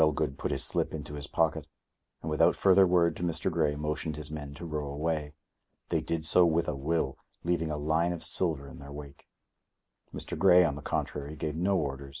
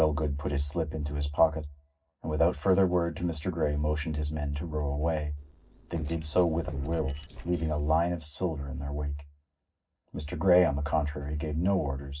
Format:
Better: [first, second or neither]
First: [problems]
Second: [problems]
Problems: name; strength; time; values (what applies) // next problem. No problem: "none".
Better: first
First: none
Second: noise reduction (neural separator model SepFormer DNS4)